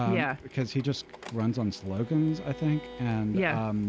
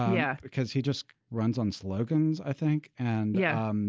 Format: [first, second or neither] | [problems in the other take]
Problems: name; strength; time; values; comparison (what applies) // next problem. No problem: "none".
second | background sound (Bowed string instrument + Printer); 18 dB below the speech